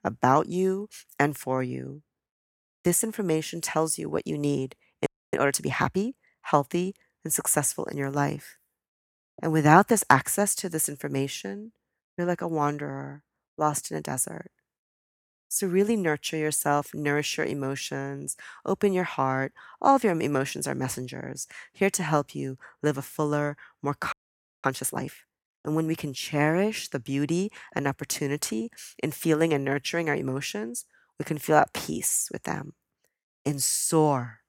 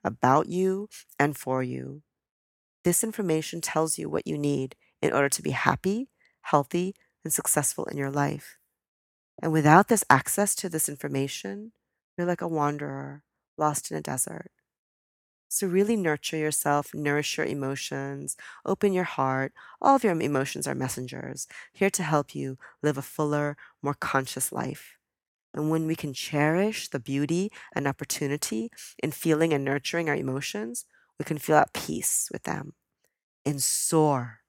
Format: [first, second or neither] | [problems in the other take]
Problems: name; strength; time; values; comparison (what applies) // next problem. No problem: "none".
second | audio freezing; at 5 s and at 24 s for 0.5 s